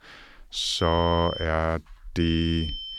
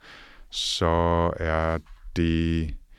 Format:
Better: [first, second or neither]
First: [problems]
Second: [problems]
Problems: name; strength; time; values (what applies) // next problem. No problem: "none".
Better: second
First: high-pitched whine; loud; at 0.5 s and at 2 s; 3 kHz, 9 dB below the speech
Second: none